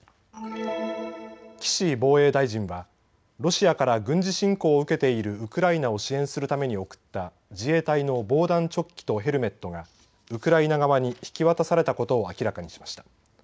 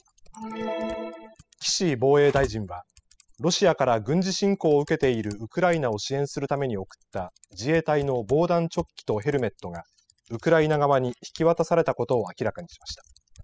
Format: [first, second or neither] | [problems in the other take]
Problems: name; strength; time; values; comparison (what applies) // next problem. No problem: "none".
first | noise reduction (classical method spectral subtraction)